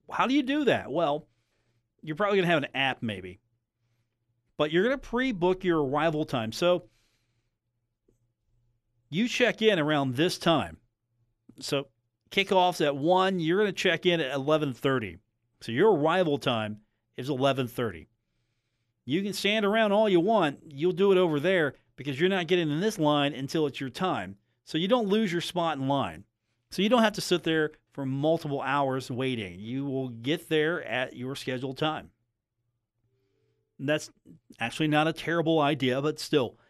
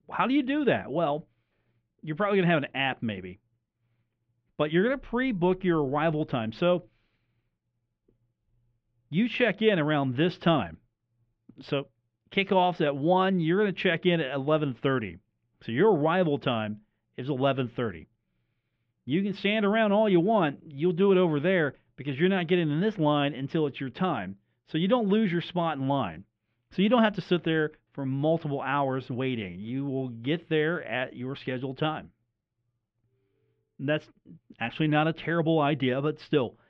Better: first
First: none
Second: muffled; very; fading above 3 kHz

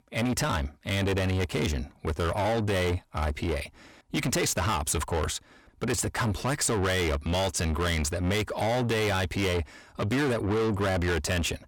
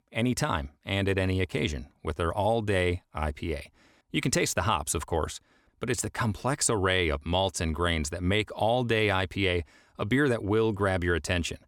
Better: second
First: distortion; heavy; 7 dB below the speech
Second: none

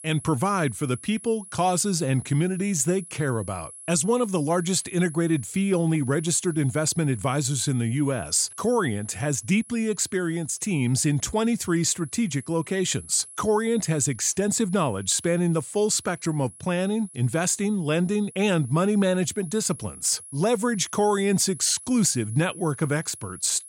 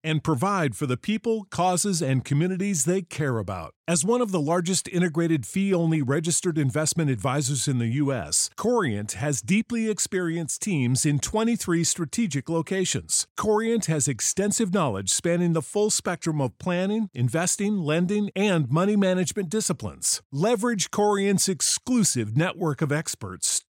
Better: second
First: high-pitched whine; noticeable; throughout; 10.5 kHz, 15 dB below the speech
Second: none

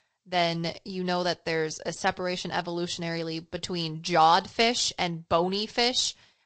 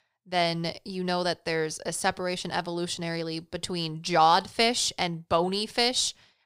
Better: second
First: garbled, watery; slightly; nothing above 8 kHz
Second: none

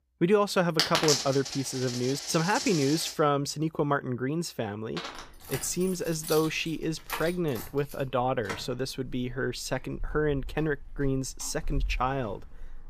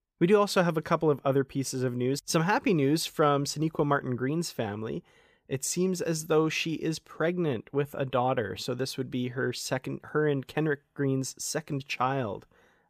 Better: second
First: household noises; loud; throughout; 5 dB below the speech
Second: none

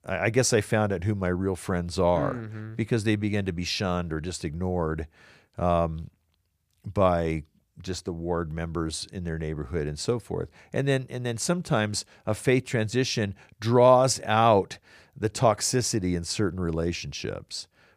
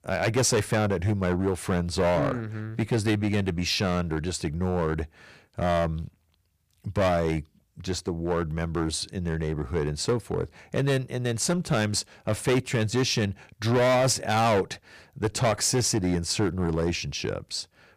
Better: first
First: none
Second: distortion; heavy; 9% of the sound clipped

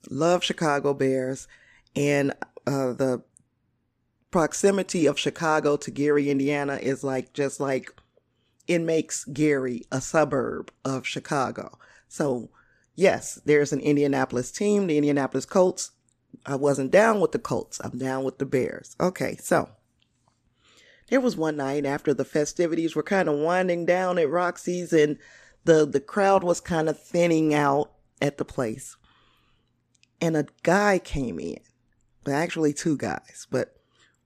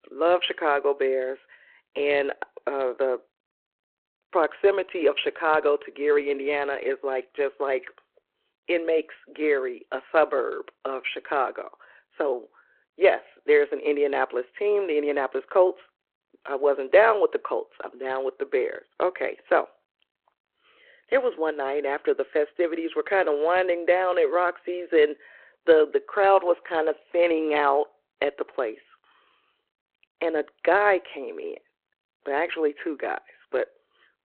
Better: first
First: none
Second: phone-call audio

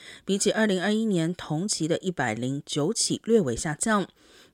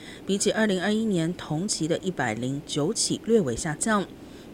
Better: first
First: none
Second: hiss; noticeable; throughout; 20 dB below the speech

